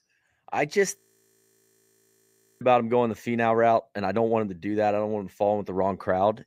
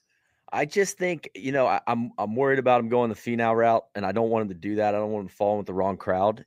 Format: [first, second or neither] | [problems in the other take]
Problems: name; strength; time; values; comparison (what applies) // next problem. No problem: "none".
second | audio freezing; at 1 s for 1.5 s